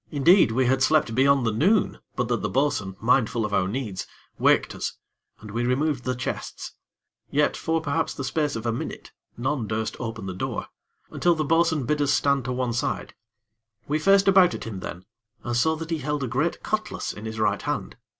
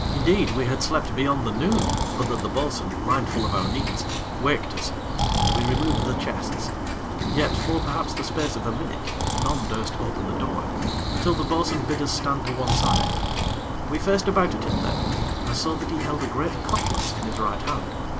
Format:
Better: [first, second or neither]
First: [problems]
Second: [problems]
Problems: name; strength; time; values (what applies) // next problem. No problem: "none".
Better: first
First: none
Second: background sound (Breathing + Bird); 1 dB above the speech